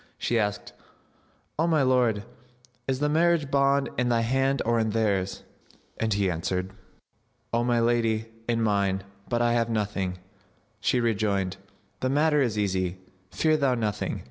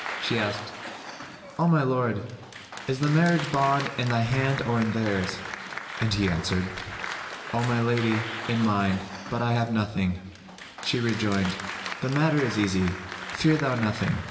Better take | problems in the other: first | background sound (Applause); 10 dB below the speech // room echo; dies away in 1 s

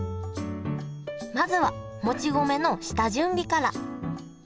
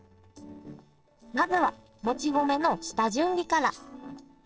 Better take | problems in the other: first | noise reduction (neural separator model SepFormer DNS4)

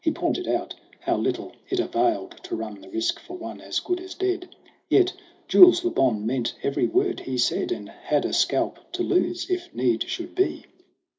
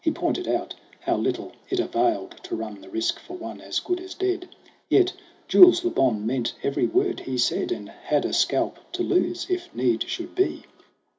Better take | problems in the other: second | noise reduction (neural mask model Resemble Enhance denoiser)

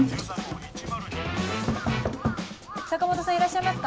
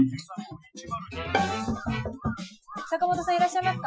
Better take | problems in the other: first | noise reduction (classical method Wiener filter)

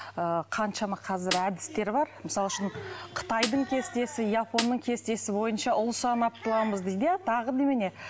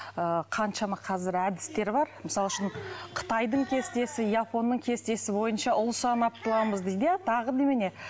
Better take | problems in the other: second | background sound (Snare drum); 7 dB below the speech

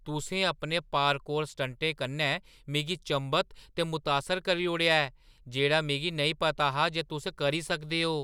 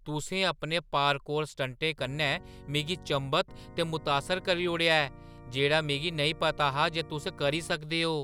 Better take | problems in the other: first | background sound (Organ); 20 dB below the speech

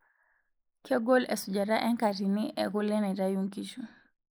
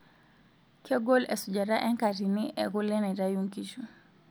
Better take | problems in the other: second | noise reduction (neural mask model Resemble Enhance denoiser)

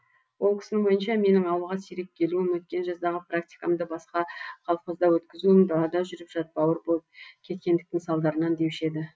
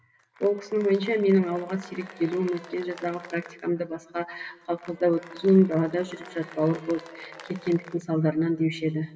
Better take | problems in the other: first | background sound (Applause / Cheering); 20 dB below the speech // room echo; dies away in 2.8 s

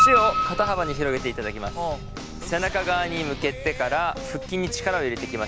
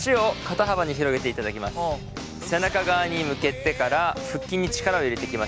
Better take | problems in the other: second | background sound (Piano); 2 dB below the speech

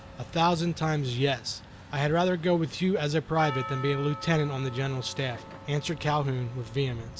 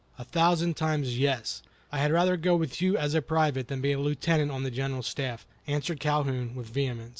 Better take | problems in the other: second | background sound (Truck + Percussion); 14 dB below the speech

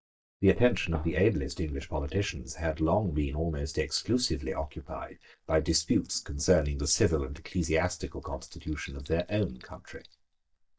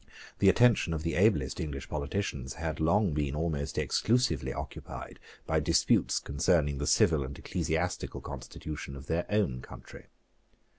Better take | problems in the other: second | noise reduction (neural mask model DeepFilterNet 3)

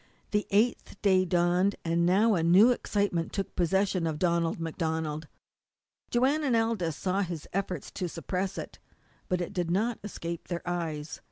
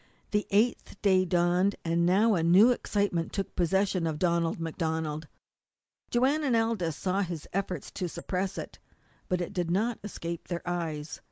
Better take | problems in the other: first | noise reduction (neural mask model Resemble Enhance denoiser)

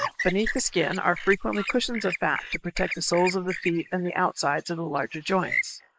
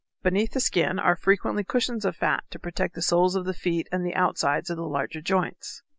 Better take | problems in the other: second | noise reduction (neural mask model Resemble Enhance denoiser)

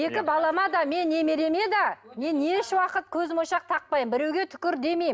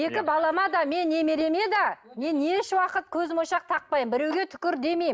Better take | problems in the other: first | noise reduction (neural mask model Resemble Enhance denoiser)

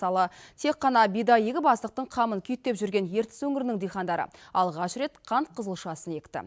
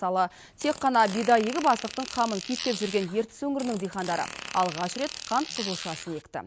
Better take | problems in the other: first | background sound (Fart); 11 dB below the speech

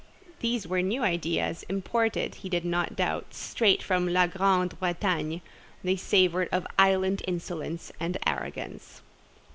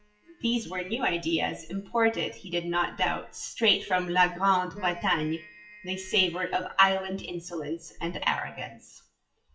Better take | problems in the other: first | noise reduction (classical method WPE with log-MMSE)

